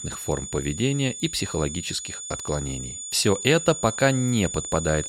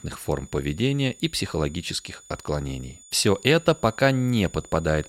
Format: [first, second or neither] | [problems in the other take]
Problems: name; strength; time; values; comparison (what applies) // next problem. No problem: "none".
second | high-pitched whine; loud; throughout; 7 kHz, 7 dB below the speech; faint in the second